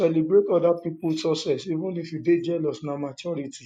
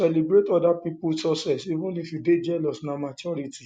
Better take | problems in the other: second | noise reduction (neural mask model Resemble Enhance denoiser)

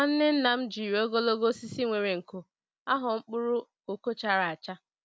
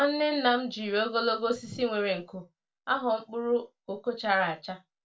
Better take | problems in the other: first | room echo; dies away in 0.2 s

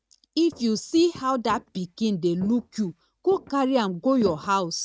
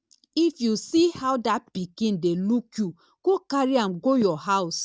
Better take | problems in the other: second | noise reduction (neural mask model RNNoise)

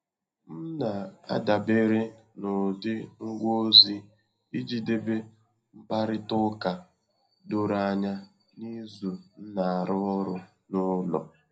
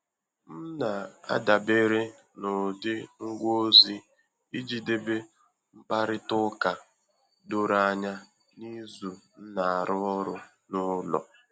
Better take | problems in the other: second | room echo; dies away in 0.4 s

